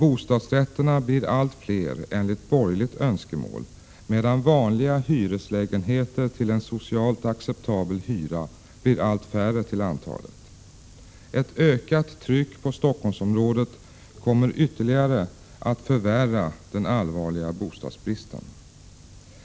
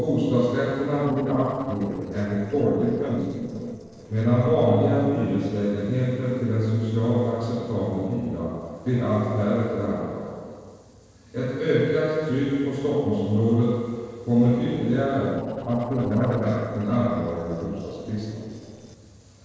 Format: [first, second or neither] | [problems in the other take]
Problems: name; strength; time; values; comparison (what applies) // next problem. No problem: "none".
first | noise reduction (neural separator model SepFormer DNS4)